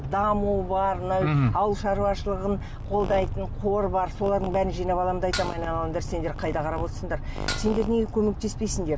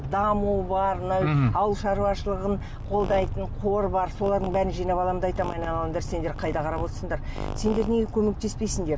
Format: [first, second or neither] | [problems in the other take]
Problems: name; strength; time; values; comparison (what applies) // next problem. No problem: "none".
second | background sound (Dishes, pots, and pans); 12 dB below the speech